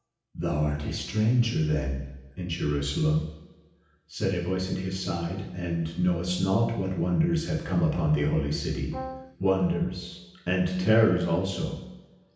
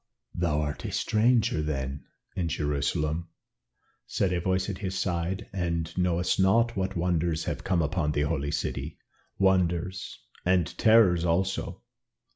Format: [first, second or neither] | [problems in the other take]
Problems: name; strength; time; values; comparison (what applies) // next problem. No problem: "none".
second | background sound (Brass instrument); 12 dB below the speech // room echo; dies away in 0.9 s